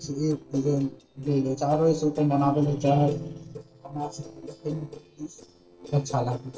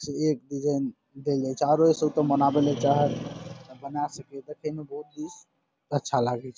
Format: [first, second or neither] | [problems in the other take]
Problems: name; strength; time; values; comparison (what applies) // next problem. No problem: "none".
second | noise reduction (neural separator model SepFormer DNS4)